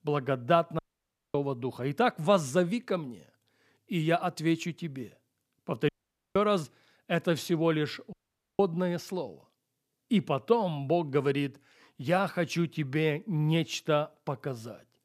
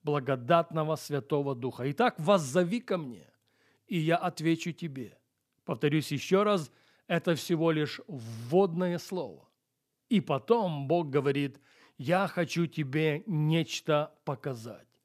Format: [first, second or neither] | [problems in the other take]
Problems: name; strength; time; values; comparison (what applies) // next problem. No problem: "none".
second | audio cutting out; at 1 s for 0.5 s, at 6 s and at 8 s